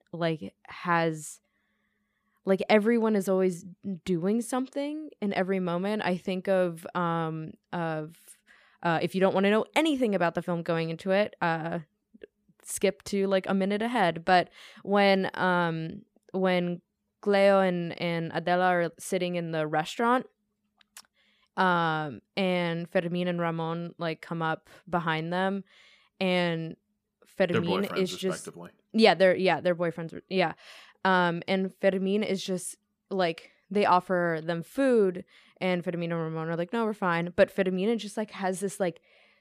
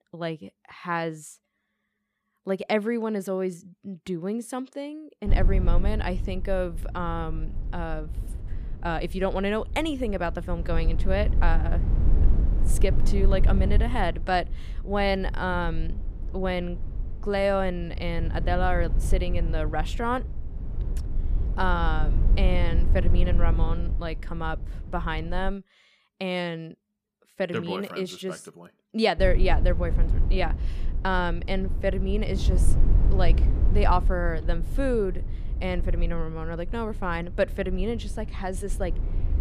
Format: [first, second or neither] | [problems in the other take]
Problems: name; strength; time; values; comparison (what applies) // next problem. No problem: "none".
first | low rumble; noticeable; from 5.5 to 25 s and from 29 s on; 15 dB below the speech